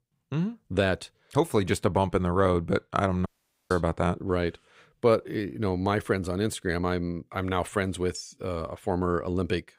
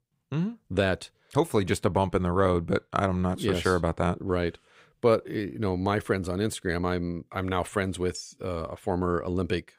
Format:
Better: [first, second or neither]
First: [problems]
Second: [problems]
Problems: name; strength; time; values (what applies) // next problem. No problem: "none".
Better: second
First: audio cutting out; at 3.5 s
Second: none